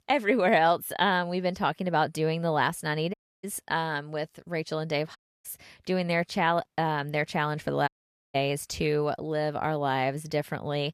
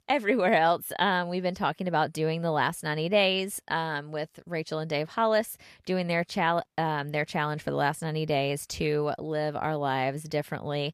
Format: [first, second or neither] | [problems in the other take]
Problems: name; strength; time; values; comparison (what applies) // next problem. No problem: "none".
second | audio cutting out; at 3 s, at 5 s and at 8 s